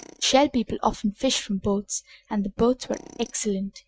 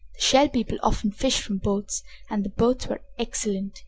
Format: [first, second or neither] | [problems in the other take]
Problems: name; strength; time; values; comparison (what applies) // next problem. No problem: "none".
second | noise reduction (neural mask model RNNoise)